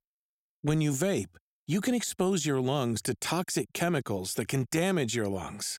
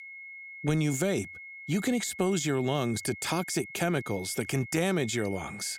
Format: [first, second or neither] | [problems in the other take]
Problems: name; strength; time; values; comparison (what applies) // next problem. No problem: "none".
first | high-pitched whine; noticeable; throughout; 2 kHz, 15 dB below the speech